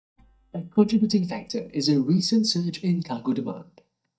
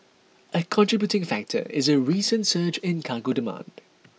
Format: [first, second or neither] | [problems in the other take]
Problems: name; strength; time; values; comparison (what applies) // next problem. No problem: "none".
second | noise reduction (neural mask model DeepFilterNet 3)